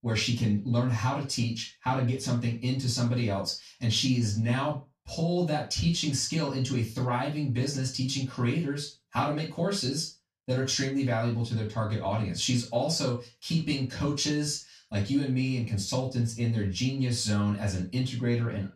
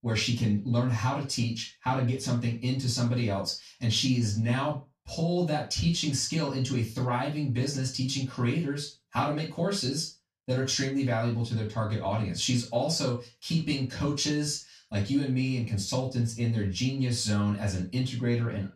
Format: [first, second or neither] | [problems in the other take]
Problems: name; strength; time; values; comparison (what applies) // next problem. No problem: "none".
neither | room echo; noticeable; dies away in 0.2 s; the same in both // off-mic speech; far; the same in both